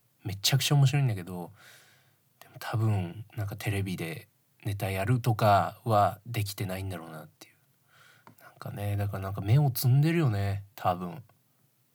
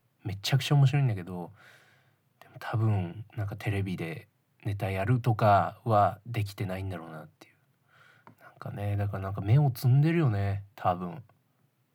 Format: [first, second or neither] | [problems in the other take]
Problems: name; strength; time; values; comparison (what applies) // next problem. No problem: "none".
first | muffled; slightly; fading above 3.5 kHz